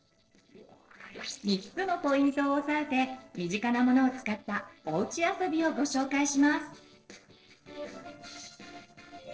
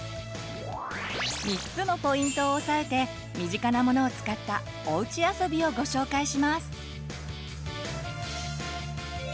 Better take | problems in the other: second | noise reduction (neural separator model SepFormer DNS4)

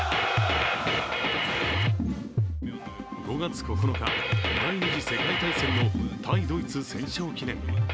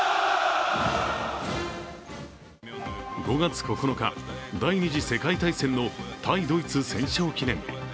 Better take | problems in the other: second | background sound (Drum kit); 4 dB above the speech

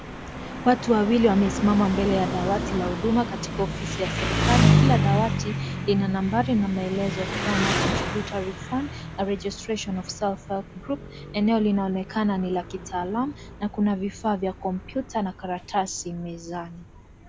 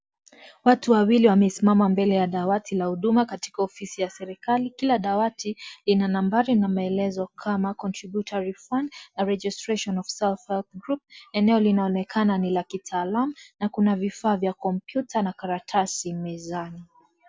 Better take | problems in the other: second | background sound (Engine); 2 dB below the speech

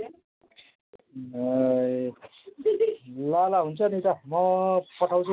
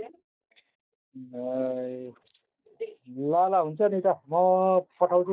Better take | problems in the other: first | noise reduction (neural mask model DeepFilterNet 3)

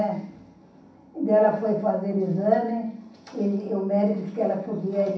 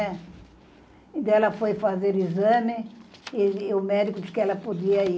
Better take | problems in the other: second | room echo; dies away in 0.7 s

